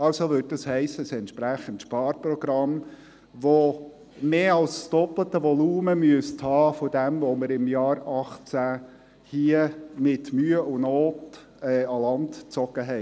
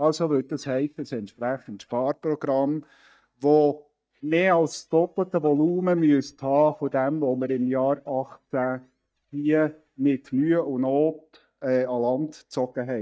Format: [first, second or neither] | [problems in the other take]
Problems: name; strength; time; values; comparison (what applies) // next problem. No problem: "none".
first | noise reduction (neural mask model DeepFilterNet 3)